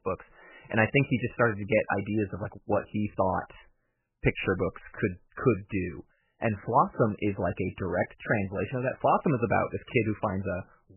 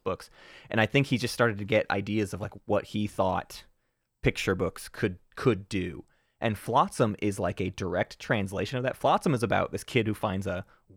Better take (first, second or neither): second